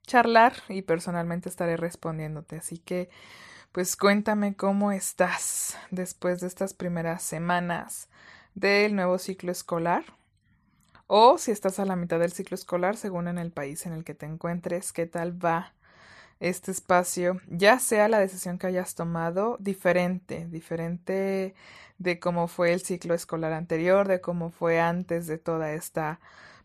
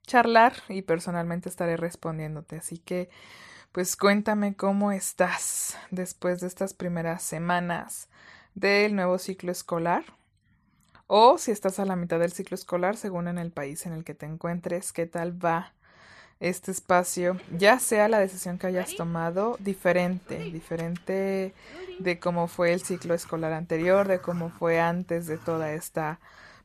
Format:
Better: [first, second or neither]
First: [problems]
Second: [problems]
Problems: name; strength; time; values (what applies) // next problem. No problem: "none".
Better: first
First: none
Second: animal sounds; faint; from 17 s on; 20 dB below the speech